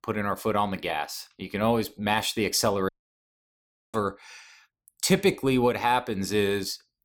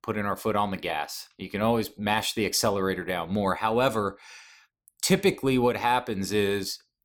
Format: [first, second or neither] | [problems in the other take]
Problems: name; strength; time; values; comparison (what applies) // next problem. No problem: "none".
second | audio cutting out; at 3 s for 1 s